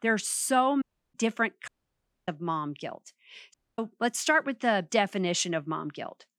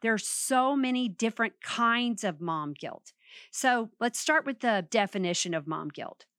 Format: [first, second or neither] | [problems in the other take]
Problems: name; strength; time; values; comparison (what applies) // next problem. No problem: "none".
second | audio cutting out; at 1 s, at 1.5 s for 0.5 s and at 3.5 s